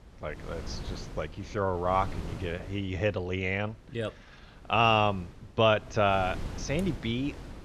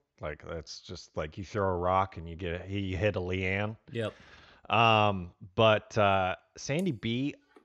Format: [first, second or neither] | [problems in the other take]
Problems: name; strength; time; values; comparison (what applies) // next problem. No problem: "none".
second | wind noise on the microphone; occasional gusts; 20 dB below the speech